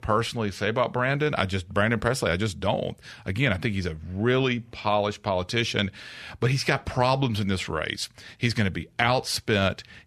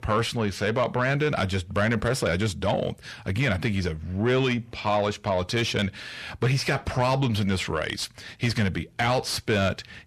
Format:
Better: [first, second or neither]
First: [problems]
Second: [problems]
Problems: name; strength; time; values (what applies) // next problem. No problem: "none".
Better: first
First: none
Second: distortion; slight; 10 dB below the speech